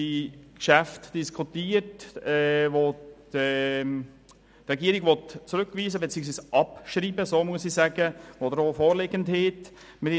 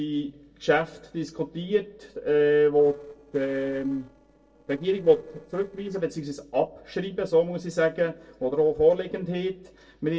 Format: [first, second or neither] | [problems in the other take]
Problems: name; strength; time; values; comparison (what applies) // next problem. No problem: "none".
first | noise reduction (neural separator model SepFormer DNS4)